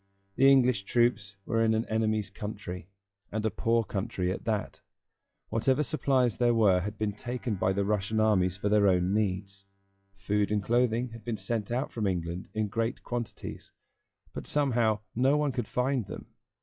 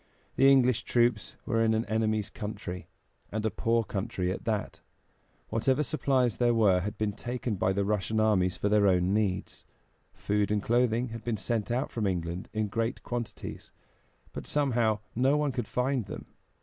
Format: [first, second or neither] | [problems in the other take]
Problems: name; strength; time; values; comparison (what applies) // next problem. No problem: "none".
second | noise reduction (classical method log-MMSE)